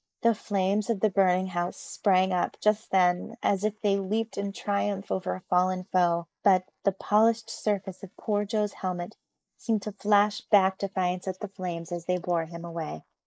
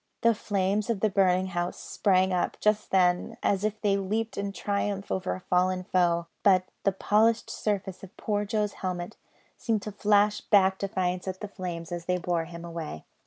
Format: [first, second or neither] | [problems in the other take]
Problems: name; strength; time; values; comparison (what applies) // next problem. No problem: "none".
second | noise reduction (neural mask model Resemble Enhance denoiser)